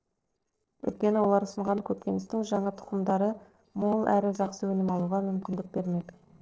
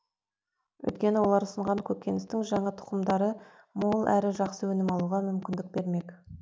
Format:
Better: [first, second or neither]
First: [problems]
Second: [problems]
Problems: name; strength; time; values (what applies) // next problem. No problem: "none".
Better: second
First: noise reduction (neural separator model SepFormer DNS4)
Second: none